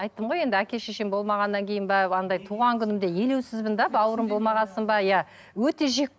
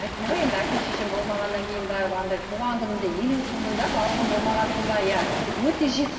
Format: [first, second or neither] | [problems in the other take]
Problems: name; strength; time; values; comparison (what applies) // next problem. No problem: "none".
first | background sound (Waves, surf); 3 dB below the speech // room echo; dies away in 2.5 s